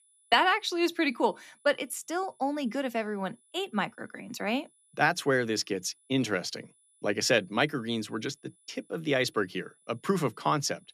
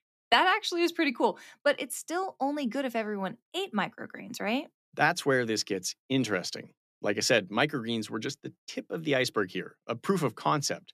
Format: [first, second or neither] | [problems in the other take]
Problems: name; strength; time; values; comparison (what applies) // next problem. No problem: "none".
second | high-pitched whine; faint; throughout; 10 kHz, 35 dB below the speech